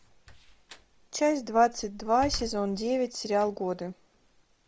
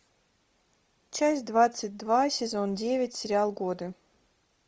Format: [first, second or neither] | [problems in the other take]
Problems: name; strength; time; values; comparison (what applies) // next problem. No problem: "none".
second | background sound (Slam); 17 dB below the speech